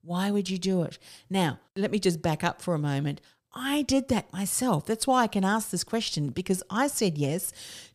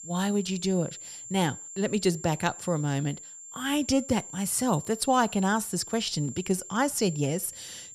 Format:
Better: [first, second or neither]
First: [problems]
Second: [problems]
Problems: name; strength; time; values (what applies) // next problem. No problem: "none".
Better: first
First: none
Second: high-pitched whine; noticeable; throughout; 7.5 kHz, 10 dB below the speech